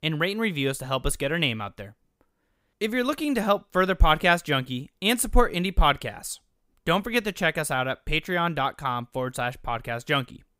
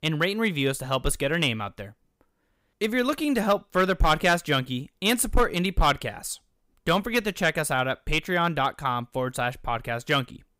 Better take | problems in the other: first | distortion; slight; 1.7% of the sound clipped

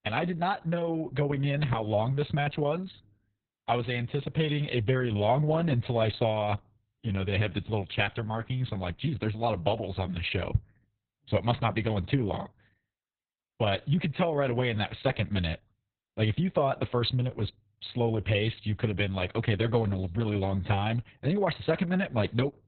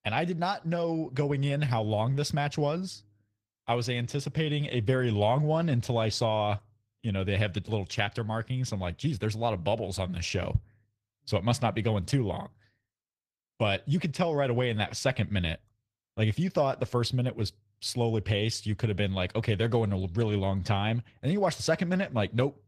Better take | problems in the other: second | garbled, watery; badly; nothing above 4 kHz; slightly in the second

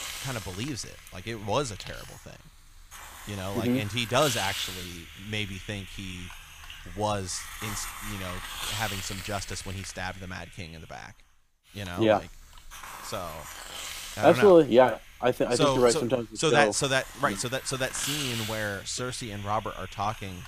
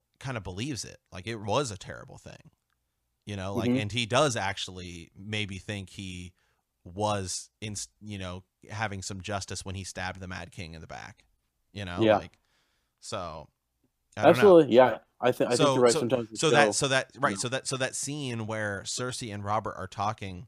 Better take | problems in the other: second | hiss; noticeable; throughout; 10 dB below the speech

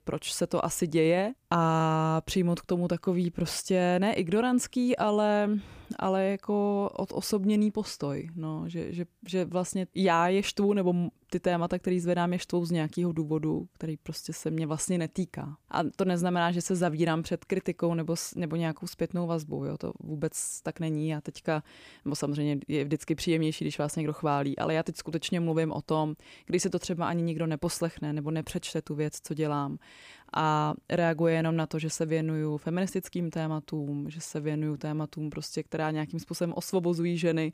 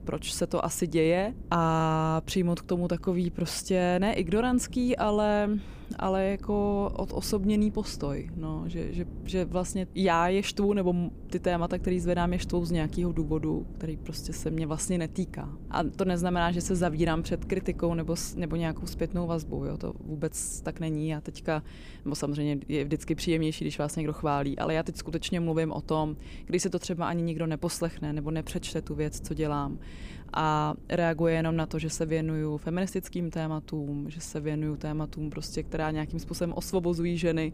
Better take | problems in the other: first | wind noise on the microphone; occasional gusts; 20 dB below the speech

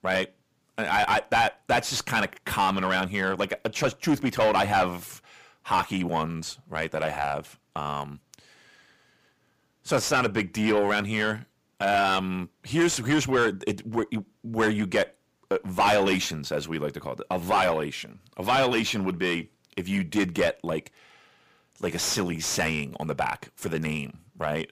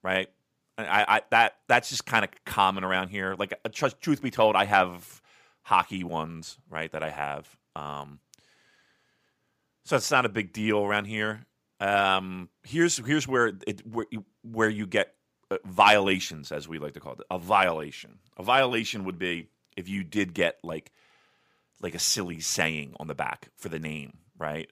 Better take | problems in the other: second | distortion; heavy; 6 dB below the speech

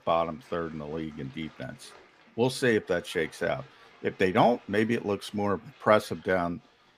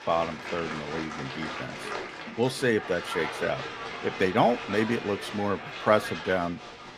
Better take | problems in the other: first | crowd noise; loud; throughout; 8 dB below the speech; faint in the first

